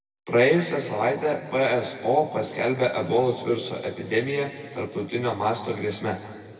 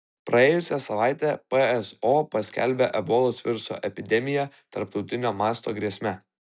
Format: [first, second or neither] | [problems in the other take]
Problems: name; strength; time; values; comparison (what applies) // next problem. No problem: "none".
second | room echo; dies away in 1.9 s